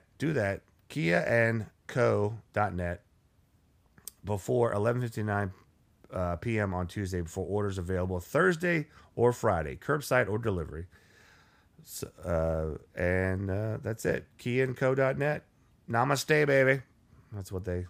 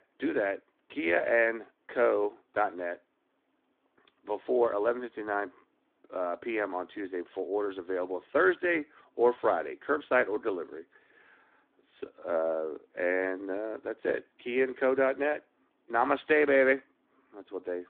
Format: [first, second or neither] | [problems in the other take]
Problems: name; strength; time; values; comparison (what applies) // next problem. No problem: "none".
first | phone-call audio; nothing above 3.5 kHz